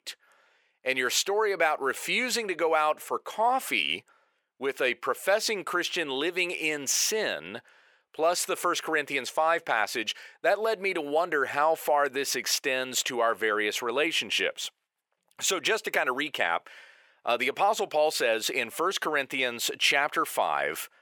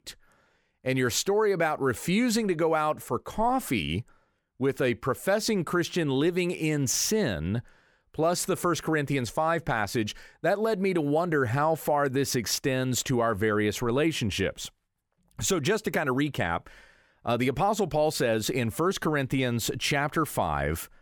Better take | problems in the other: second | thin; very; fading below 550 Hz

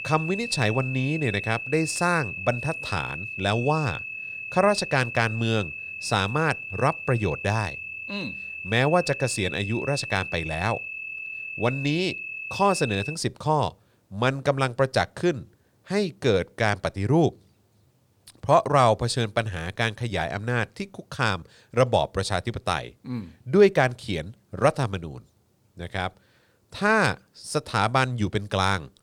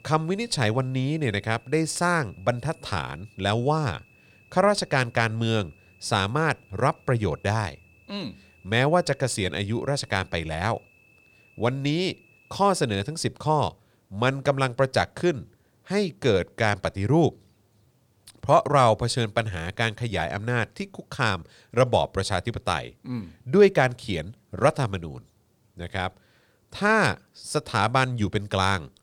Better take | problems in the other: second | high-pitched whine; loud; until 13 s; 2.5 kHz, 7 dB below the speech; faint in the second

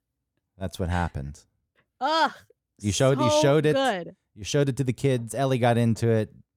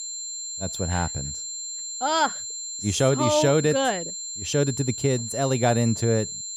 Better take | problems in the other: first | high-pitched whine; loud; throughout; 7.5 kHz, 7 dB below the speech

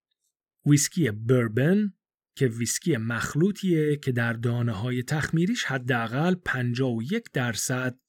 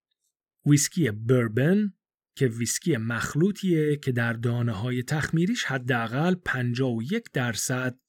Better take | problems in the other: neither | none

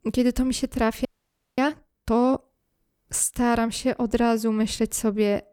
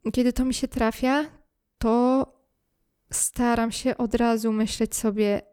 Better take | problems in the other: second | audio freezing; at 1 s for 0.5 s

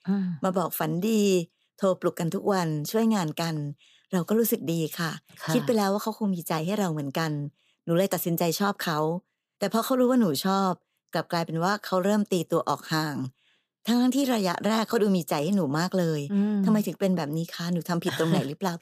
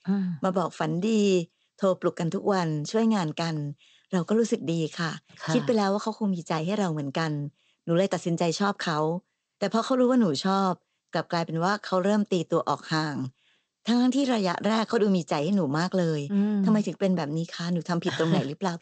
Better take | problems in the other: first | garbled, watery; slightly; nothing above 8 kHz

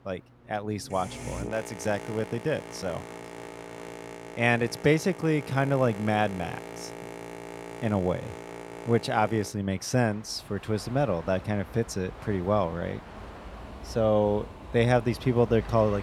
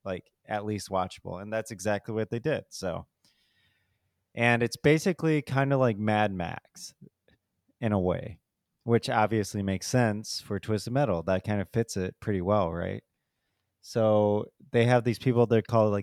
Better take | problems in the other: second | train or aircraft noise; noticeable; throughout; 15 dB below the speech

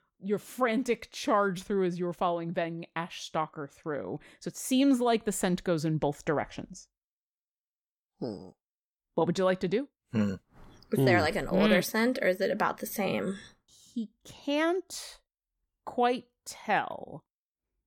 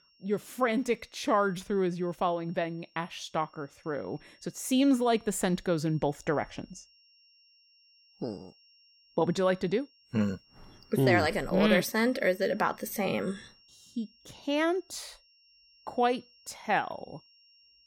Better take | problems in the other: first | high-pitched whine; faint; throughout; 5.5 kHz, 30 dB below the speech

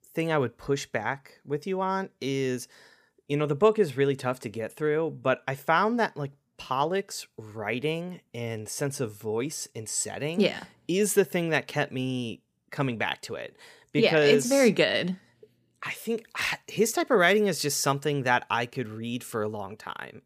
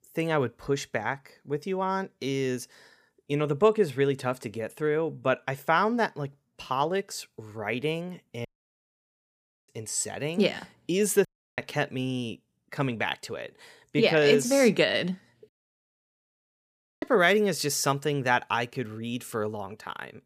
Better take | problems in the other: first | audio cutting out; at 8.5 s for 1 s, at 11 s and at 15 s for 1.5 s

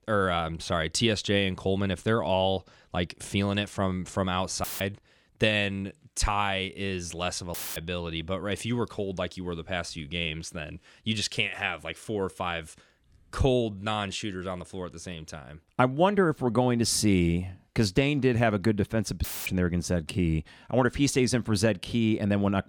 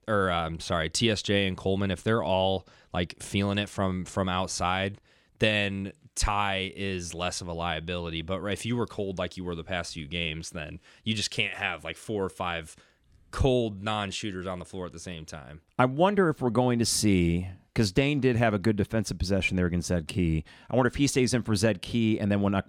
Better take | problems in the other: second | audio cutting out; filled with static; at 4.5 s, at 7.5 s and at 19 s

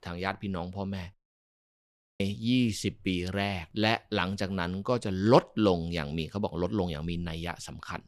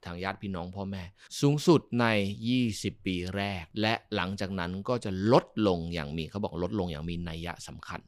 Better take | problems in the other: second | audio cutting out; at 1 s for 1 s

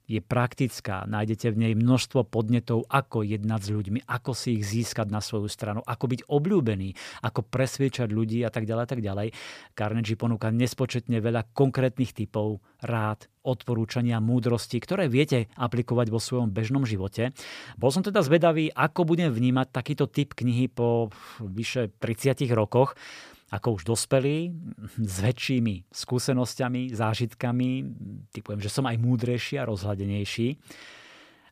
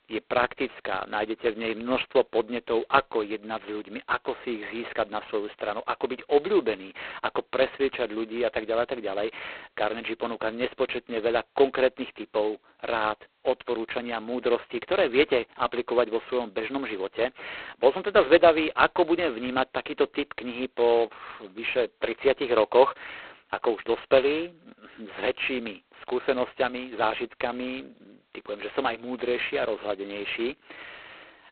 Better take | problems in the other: first | phone-call audio; poor line; nothing above 4 kHz

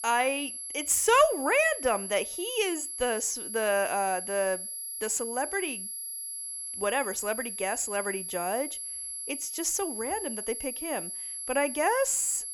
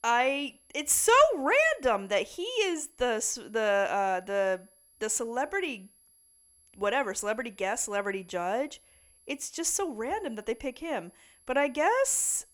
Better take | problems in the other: second | high-pitched whine; loud; throughout; 11 kHz, 6 dB below the speech; faint in the second

